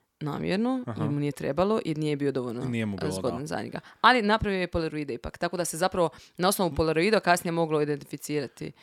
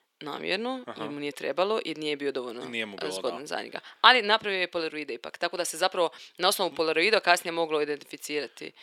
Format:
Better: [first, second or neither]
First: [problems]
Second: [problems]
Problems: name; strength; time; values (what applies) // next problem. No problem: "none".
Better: first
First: none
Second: thin; somewhat; fading below 400 Hz